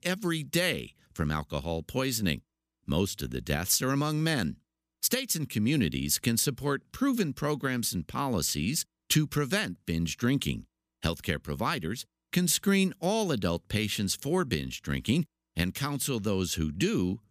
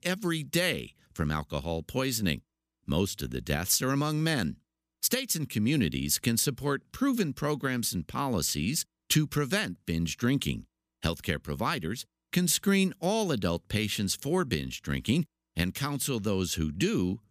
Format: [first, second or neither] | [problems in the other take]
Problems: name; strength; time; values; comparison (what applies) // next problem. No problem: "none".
neither | none